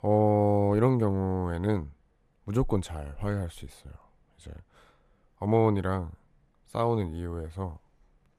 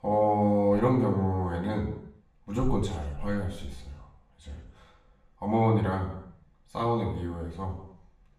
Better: first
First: none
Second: room echo; noticeable; dies away in 0.7 s // off-mic speech; far

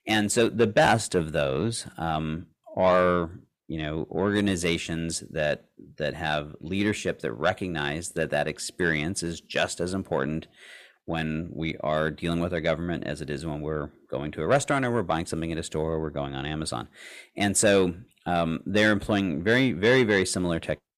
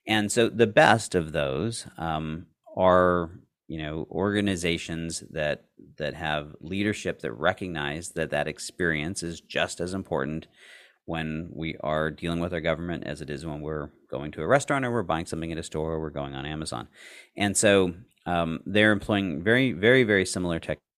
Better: second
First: distortion; slight; 10 dB below the speech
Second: none

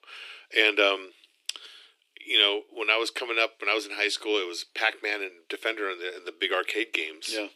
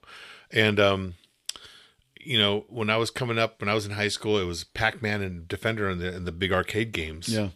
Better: second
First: thin; very; fading below 300 Hz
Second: none

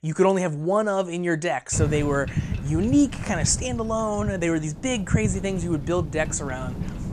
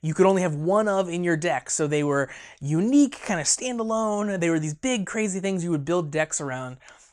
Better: second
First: wind noise on the microphone; occasional gusts; from 1.5 s on; 15 dB below the speech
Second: none

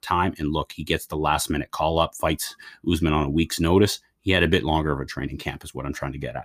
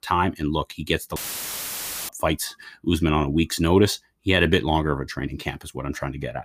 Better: first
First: none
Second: audio cutting out; filled with static; at 1 s for 1 s

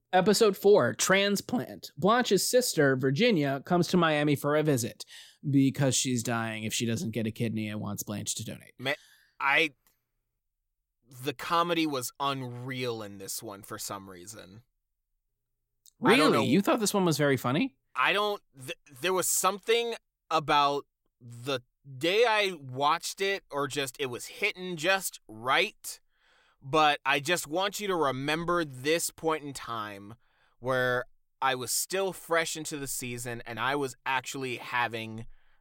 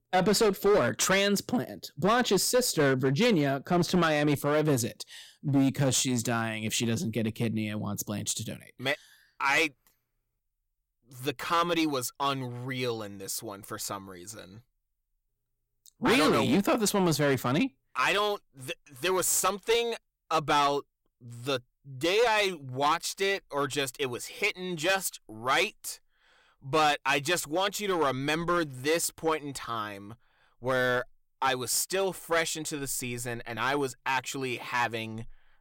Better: first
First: none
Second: distortion; slight; 5% of the sound clipped

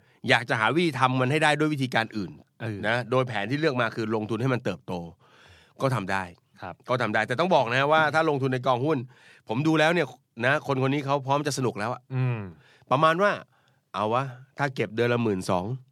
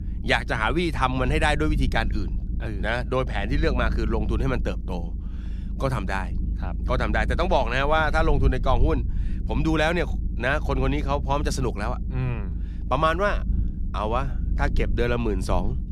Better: first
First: none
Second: low rumble; noticeable; throughout; 20 dB below the speech

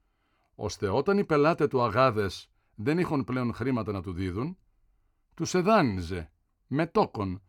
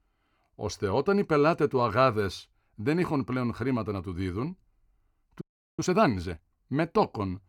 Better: first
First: none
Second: audio freezing; at 5.5 s

